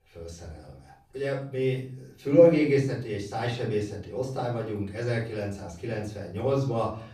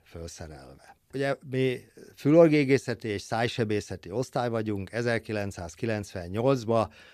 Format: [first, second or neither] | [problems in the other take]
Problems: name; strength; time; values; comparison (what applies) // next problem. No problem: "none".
second | off-mic speech; far // room echo; slight; dies away in 0.5 s